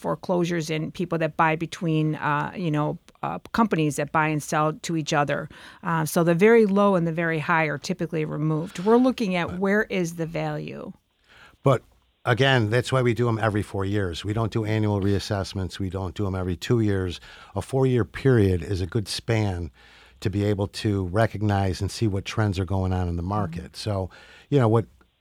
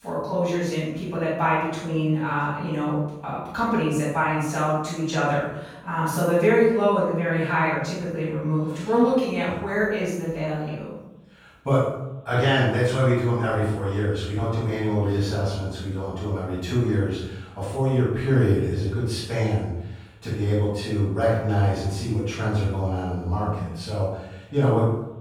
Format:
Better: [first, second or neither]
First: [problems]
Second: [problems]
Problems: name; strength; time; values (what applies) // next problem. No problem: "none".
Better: first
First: none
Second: off-mic speech; far // room echo; strong; dies away in 0.7 s